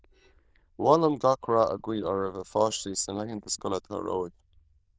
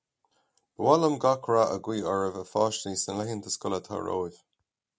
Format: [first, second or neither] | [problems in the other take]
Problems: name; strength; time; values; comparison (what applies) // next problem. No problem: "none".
second | noise reduction (neural diffusion model UNIVERSE++)